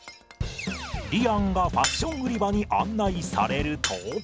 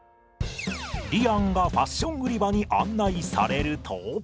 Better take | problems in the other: second | background sound (Shatter); 11 dB below the speech

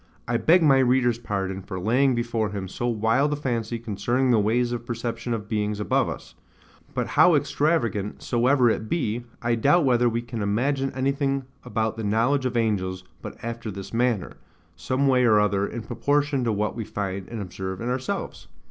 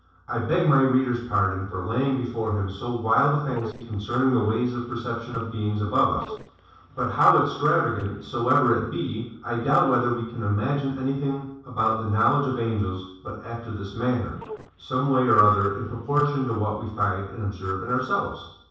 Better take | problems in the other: first | noise reduction (neural separator model SepFormer DNS4)

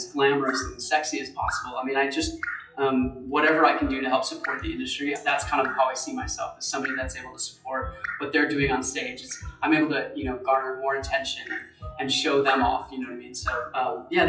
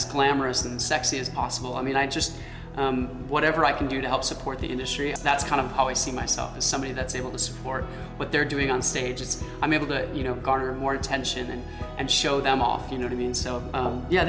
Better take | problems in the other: second | noise reduction (classical method WPE with log-MMSE)

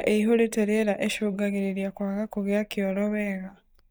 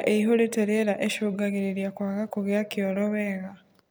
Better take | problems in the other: second | noise reduction (neural mask model DeepFilterNet 3)

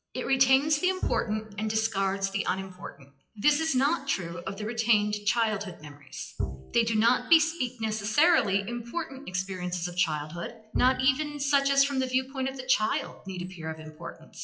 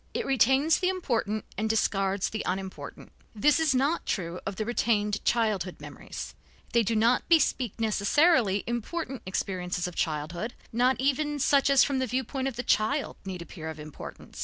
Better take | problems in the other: second | noise reduction (classical method WPE with log-MMSE)

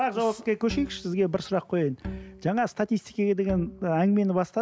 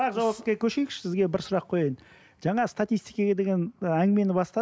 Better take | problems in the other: second | background sound (Bowed string instrument); 15 dB below the speech

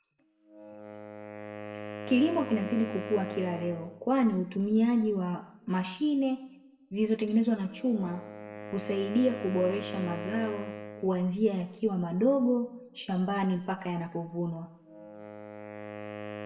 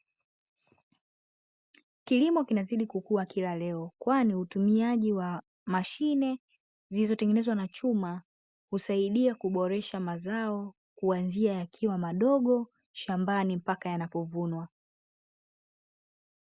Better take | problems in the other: second | background sound (Wind instrument, woodwind instrument); 13 dB below the speech // room echo; dies away in 0.9 s

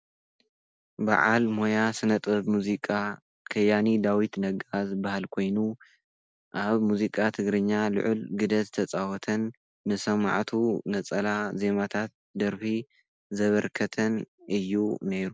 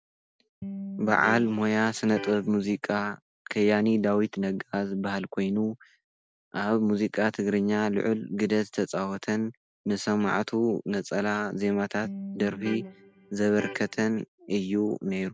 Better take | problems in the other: first | background sound (Electric guitar); 11 dB below the speech

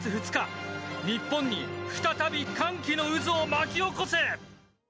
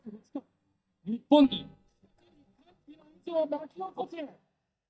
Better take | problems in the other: first | noise reduction (neural mask model DeepFilterNet 3)

